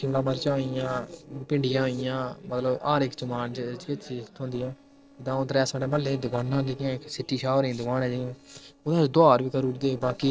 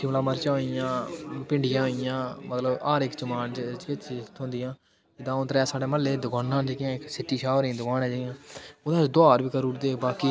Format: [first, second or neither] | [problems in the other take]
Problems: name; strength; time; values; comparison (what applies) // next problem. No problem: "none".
second | noise reduction (neural separator model SepFormer DNS4)